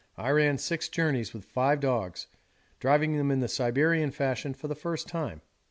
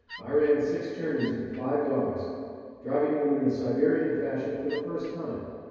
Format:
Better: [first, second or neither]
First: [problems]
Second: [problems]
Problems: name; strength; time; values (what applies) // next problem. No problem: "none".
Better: first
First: none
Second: background sound (Wood); 18 dB below the speech // room echo; dies away in 2.2 s